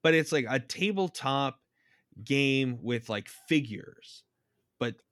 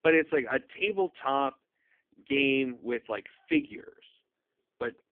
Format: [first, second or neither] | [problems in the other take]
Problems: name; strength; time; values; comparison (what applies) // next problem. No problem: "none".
first | phone-call audio; poor line; nothing above 3 kHz